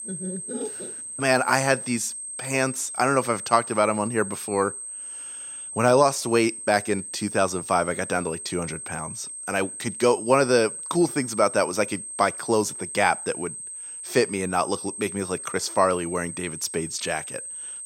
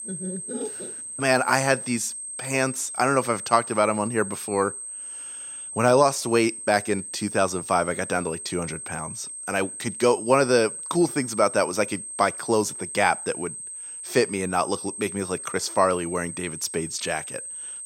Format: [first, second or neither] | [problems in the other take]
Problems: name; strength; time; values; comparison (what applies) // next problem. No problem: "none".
neither | high-pitched whine; loud; throughout; 8.5 kHz, 9 dB below the speech; the same in both